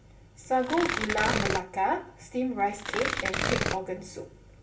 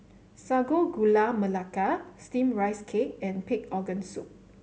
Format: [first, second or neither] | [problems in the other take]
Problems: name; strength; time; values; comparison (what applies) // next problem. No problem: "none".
second | background sound (Tearing); as loud as the speech // room echo; dies away in 0.2 s